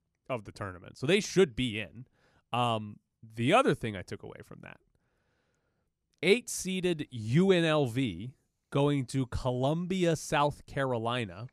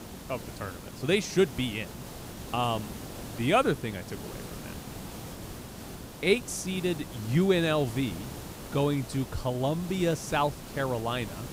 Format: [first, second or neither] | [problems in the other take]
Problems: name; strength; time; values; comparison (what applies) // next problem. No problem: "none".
first | hiss; noticeable; throughout; 10 dB below the speech